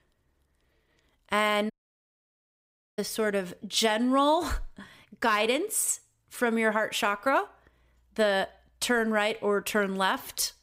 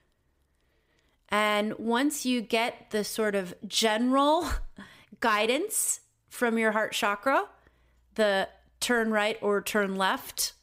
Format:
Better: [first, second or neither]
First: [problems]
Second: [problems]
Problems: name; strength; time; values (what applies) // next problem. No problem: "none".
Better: second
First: audio cutting out; at 1.5 s for 1.5 s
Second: none